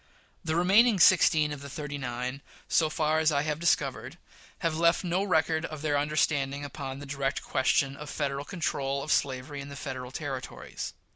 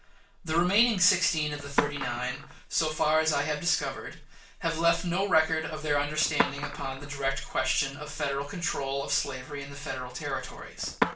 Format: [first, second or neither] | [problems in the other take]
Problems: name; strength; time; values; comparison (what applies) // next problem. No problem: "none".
first | background sound (Skateboard); 9 dB below the speech // room echo; dies away in 0.3 s